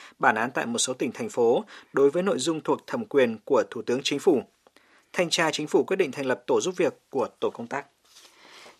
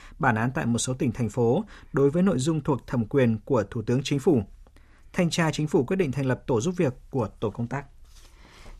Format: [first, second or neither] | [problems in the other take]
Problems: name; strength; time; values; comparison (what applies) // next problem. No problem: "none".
second | thin; somewhat; fading below 400 Hz